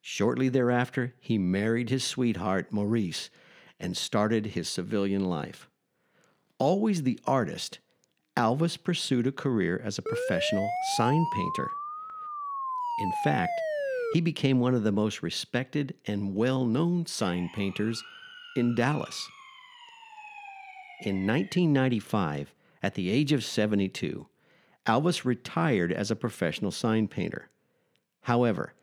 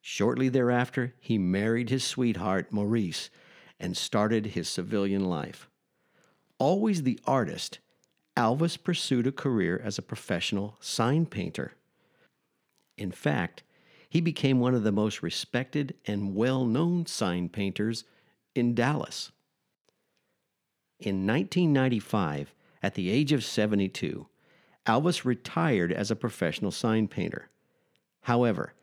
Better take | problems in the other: second | siren; noticeable; from 10 to 14 s; peak 2 dB below the speech // siren; faint; from 17 to 22 s; peak 15 dB below the speech

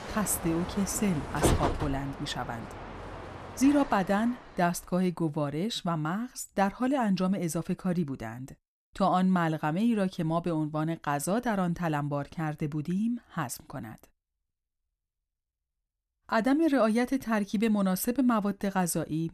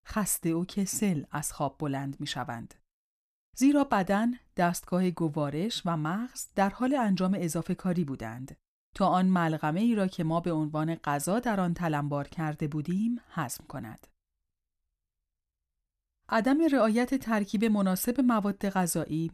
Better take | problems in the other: second | train or aircraft noise; loud; until 4.5 s; 7 dB below the speech

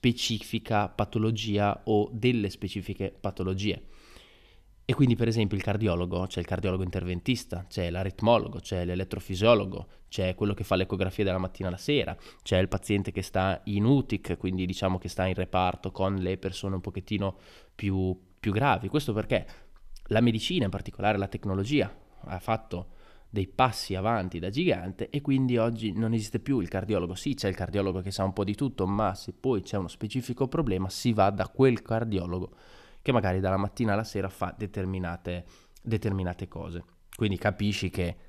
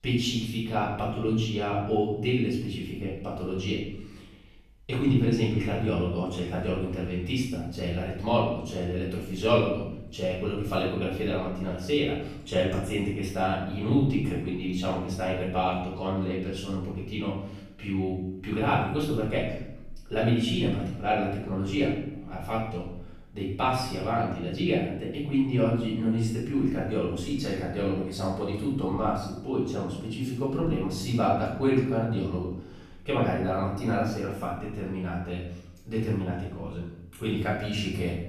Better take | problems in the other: first | off-mic speech; far // room echo; noticeable; dies away in 0.7 s

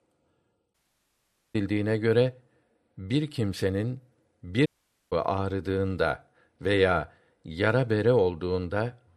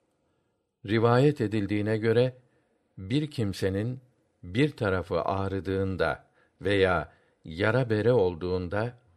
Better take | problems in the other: second | audio cutting out; at 0.5 s for 1 s and at 4.5 s

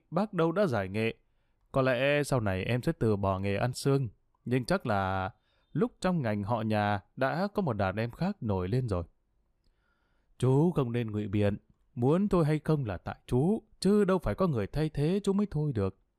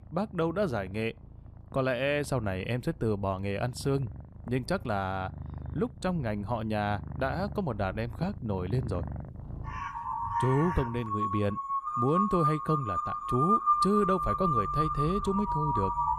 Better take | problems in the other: first | animal sounds; loud; throughout; 1 dB below the speech

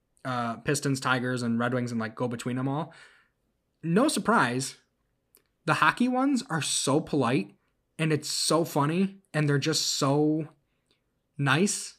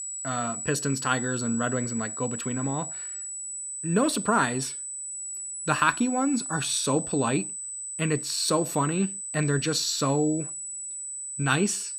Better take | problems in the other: first | high-pitched whine; loud; throughout; 8 kHz, 5 dB below the speech

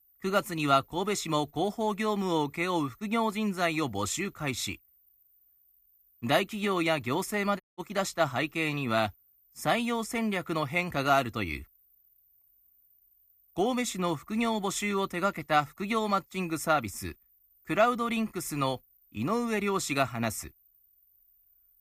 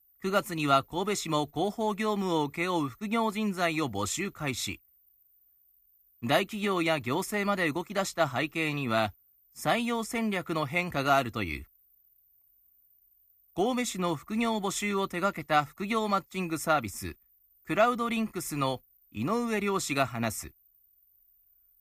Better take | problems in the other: second | audio cutting out; at 7.5 s

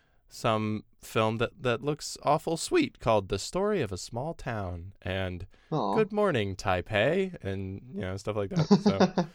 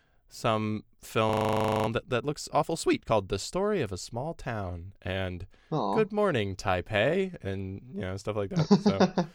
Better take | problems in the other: first | audio freezing; at 1.5 s for 0.5 s

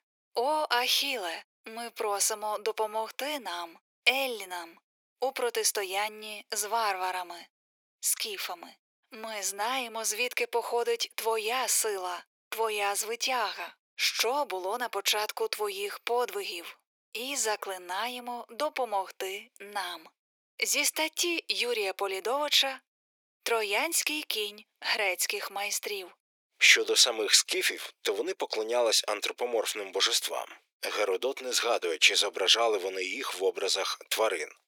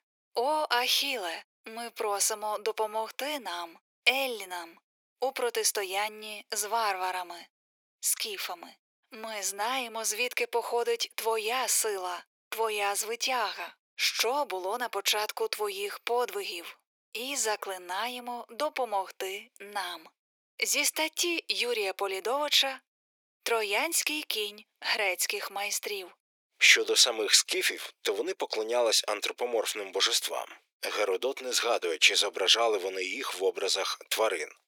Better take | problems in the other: neither | thin; very; fading below 400 Hz; the same in both

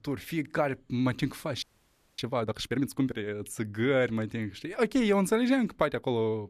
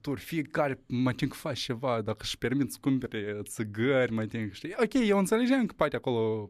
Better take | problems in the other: second | audio freezing; at 1.5 s for 0.5 s

